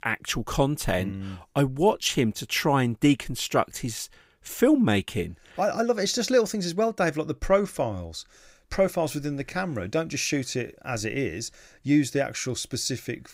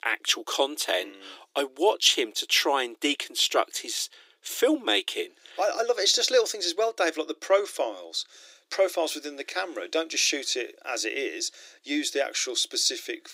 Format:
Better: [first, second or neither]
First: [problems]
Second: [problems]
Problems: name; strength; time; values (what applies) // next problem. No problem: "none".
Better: first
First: none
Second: thin; somewhat; fading below 300 Hz